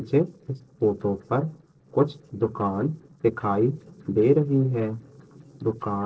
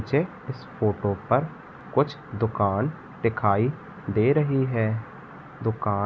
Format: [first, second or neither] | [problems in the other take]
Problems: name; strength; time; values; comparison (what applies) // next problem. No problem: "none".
second | noise reduction (neural separator model SepFormer DNS4)